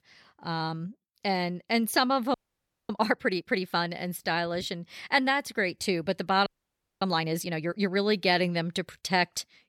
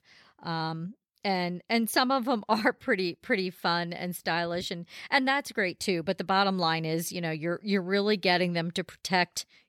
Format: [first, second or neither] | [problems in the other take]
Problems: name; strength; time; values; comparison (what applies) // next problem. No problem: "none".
second | audio freezing; at 2.5 s for 0.5 s and at 6.5 s for 0.5 s